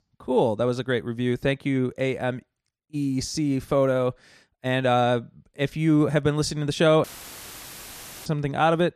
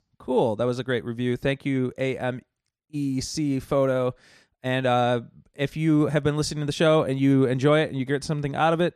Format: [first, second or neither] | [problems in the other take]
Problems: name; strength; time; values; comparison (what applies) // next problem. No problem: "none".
second | audio cutting out; filled with static; at 7 s for 1 s